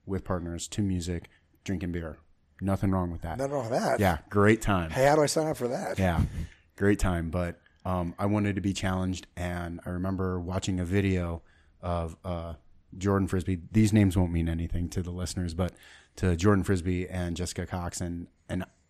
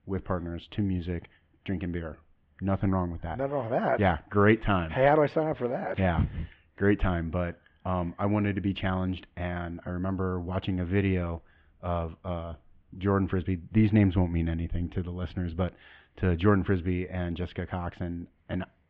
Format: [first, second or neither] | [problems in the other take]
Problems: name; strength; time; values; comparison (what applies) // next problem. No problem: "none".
first | muffled; very; fading above 3 kHz